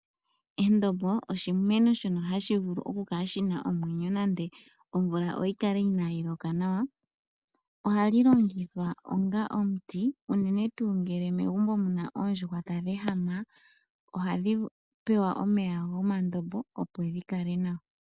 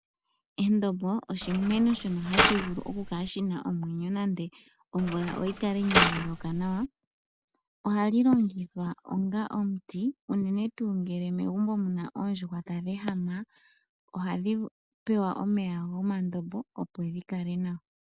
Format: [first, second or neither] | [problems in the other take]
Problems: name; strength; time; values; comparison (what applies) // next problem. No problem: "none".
first | background sound (Mechanisms); 1 dB below the speech